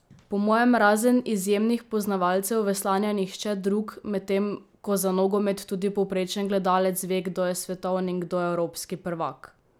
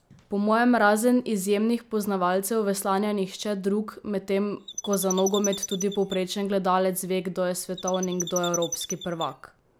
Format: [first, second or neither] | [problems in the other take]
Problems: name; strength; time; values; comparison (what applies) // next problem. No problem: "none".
first | background sound (Chirp, tweet); 10 dB below the speech